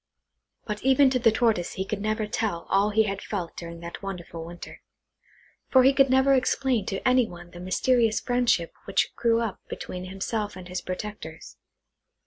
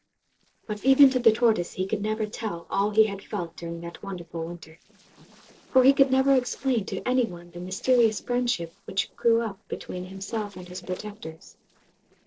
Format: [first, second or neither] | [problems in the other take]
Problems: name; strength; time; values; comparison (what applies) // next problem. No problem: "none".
first | noise reduction (neural separator model SepFormer DNS4)